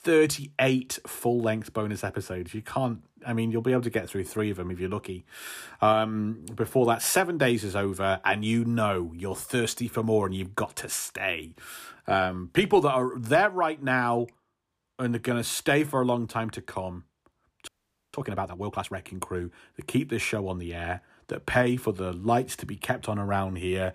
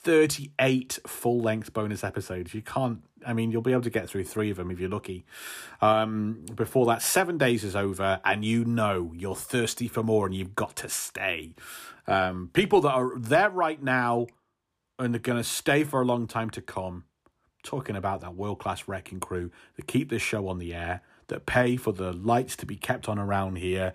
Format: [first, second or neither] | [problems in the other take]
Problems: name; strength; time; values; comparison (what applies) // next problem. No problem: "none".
second | audio freezing; at 18 s